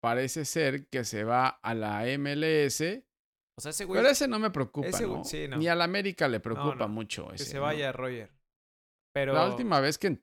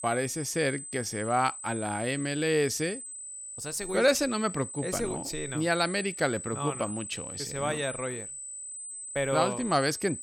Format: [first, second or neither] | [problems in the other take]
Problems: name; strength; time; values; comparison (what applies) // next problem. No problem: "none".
first | high-pitched whine; loud; throughout; 8 kHz, 8 dB below the speech